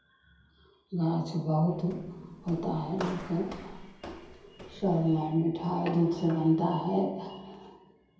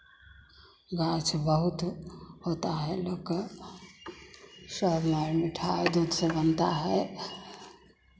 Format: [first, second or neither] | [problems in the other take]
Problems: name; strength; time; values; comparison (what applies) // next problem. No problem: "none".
second | background sound (Walk, footsteps); 15 dB below the speech // room echo; dies away in 0.8 s